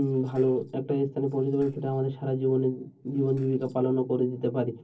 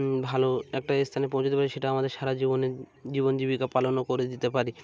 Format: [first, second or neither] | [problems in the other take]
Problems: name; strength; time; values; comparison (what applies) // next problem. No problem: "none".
second | noise reduction (neural separator model SepFormer DNS4)